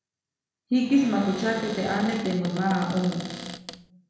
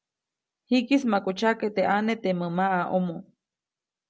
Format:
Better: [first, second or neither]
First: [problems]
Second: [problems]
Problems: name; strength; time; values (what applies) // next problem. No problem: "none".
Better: second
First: background sound (Cupboard open or close); 11 dB below the speech // room echo; dies away in 1 s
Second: none